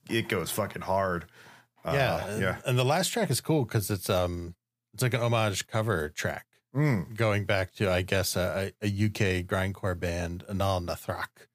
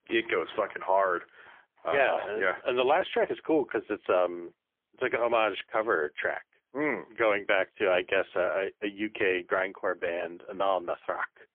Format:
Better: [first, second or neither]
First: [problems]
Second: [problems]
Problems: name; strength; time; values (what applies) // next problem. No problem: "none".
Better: first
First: none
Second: phone-call audio; poor line; nothing above 3.5 kHz